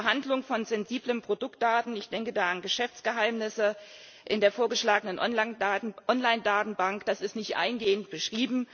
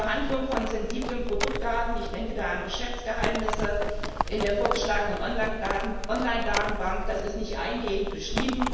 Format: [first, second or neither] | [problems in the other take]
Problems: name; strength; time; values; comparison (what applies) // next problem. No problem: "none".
first | background sound (Livestock, farm animals, working animals); 1 dB below the speech // room echo; dies away in 1.2 s